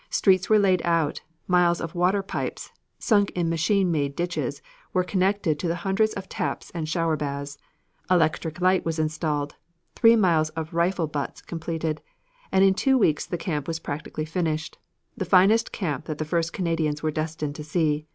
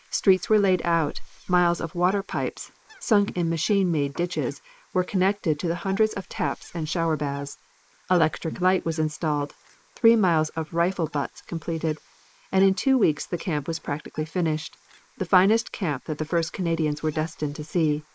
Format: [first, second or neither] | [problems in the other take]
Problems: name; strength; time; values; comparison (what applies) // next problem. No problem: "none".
first | noise reduction (neural mask model Resemble Enhance denoiser)